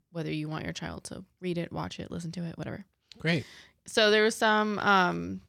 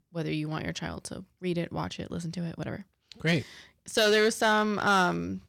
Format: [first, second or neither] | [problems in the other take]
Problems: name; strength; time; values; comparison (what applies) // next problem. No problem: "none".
first | distortion; slight; 3% of the sound clipped